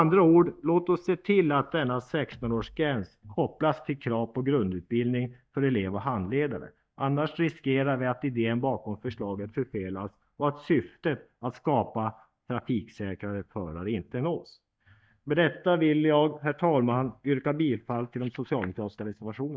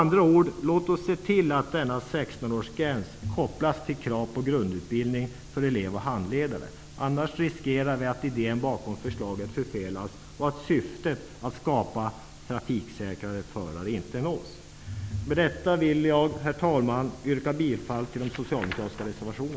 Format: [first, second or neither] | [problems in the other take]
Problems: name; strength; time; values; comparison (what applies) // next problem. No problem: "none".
second | noise reduction (neural mask model DeepFilterNet 3)